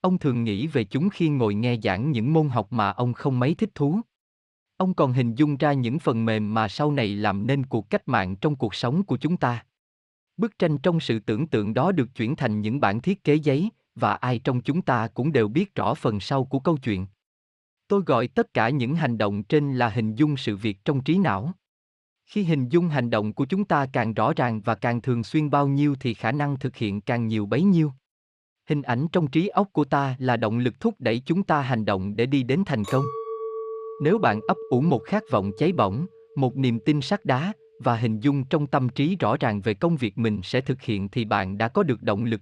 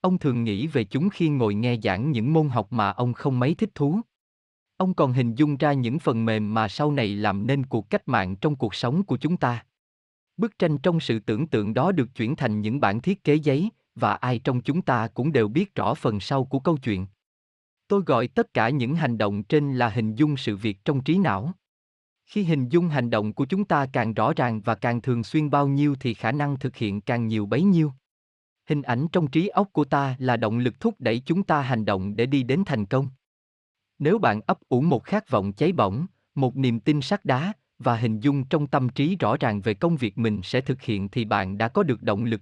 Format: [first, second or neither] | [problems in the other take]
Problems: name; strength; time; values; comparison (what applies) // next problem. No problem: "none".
second | clattering dishes; noticeable; from 33 to 37 s; peak 8 dB below the speech